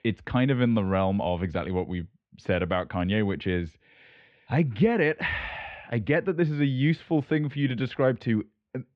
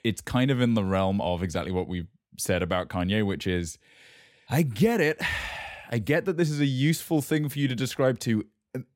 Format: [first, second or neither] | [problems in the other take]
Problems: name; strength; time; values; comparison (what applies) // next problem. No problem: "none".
second | muffled; very; fading above 3 kHz